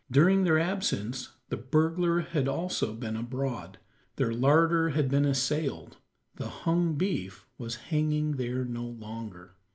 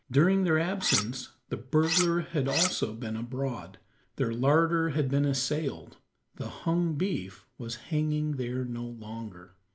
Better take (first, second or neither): first